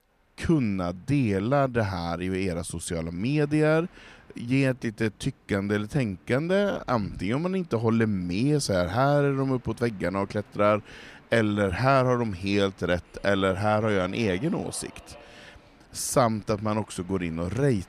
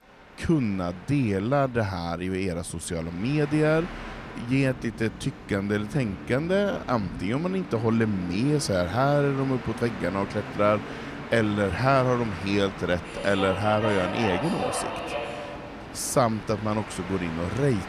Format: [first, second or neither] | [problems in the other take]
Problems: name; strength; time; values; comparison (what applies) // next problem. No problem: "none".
first | train or aircraft noise; loud; throughout; 10 dB below the speech; faint in the first